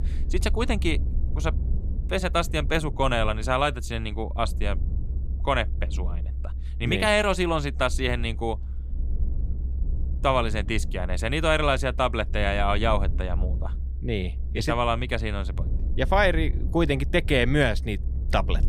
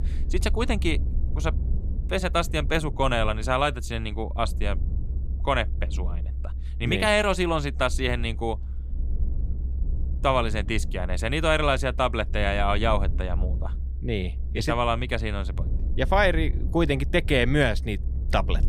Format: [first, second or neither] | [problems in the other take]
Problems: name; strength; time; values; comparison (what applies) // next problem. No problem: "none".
neither | low rumble; faint; throughout; 20 dB below the speech; the same in both